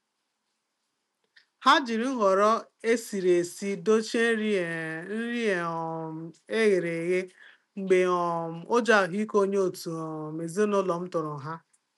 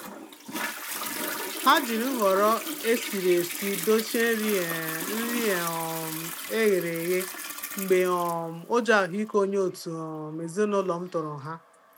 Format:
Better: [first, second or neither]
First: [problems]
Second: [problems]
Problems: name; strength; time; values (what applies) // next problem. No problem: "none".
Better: first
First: none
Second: background sound (Toilet flush); 9 dB below the speech